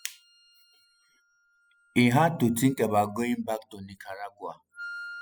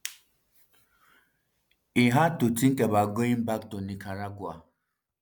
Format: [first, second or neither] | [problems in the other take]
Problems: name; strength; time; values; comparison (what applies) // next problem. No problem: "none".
second | noise reduction (classical method spectral subtraction)